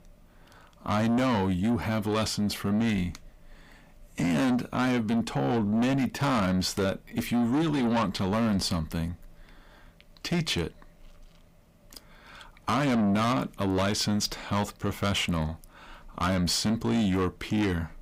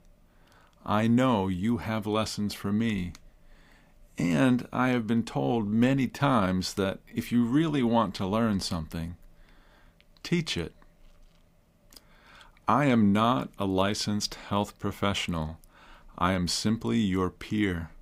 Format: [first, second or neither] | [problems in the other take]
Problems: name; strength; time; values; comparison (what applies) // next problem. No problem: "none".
second | distortion; heavy; 8 dB below the speech